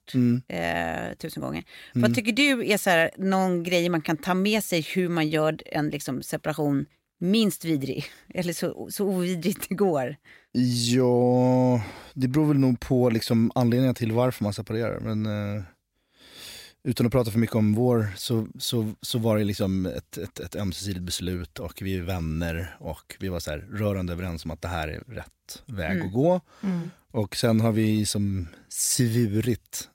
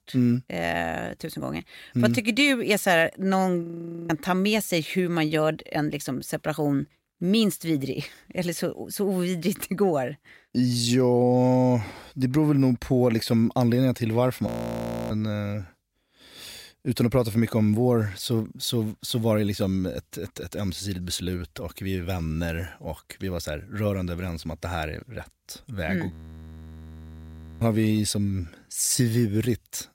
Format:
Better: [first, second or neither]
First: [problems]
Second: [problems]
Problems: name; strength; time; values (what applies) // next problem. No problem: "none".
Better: first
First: none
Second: audio freezing; at 3.5 s, at 14 s for 0.5 s and at 26 s for 1.5 s